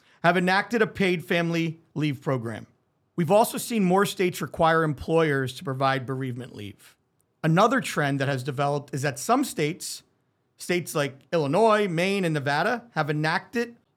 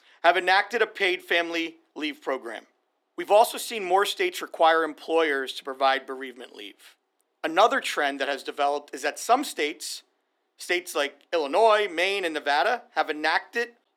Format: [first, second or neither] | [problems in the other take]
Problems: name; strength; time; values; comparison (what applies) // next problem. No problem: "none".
first | thin; very; fading below 300 Hz